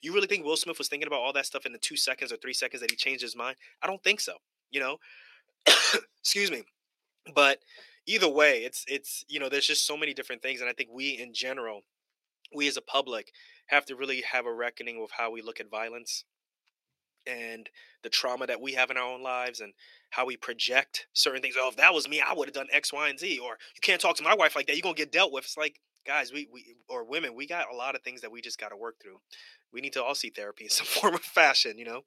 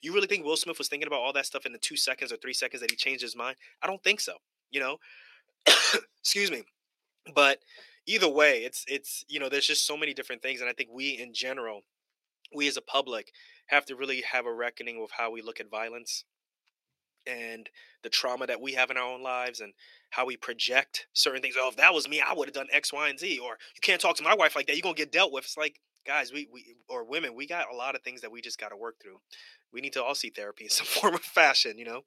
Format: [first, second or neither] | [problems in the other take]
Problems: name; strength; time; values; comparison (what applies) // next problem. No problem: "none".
neither | thin; somewhat; fading below 350 Hz; the same in both